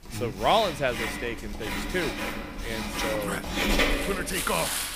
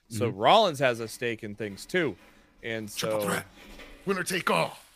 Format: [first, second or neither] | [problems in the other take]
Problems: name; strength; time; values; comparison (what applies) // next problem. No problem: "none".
second | household noises; loud; throughout; 1 dB below the speech; faint in the second